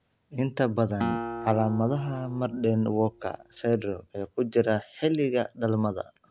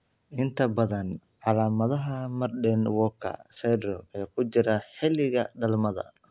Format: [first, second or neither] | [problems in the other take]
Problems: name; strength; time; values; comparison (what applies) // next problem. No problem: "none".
second | background sound (Acoustic guitar); 10 dB below the speech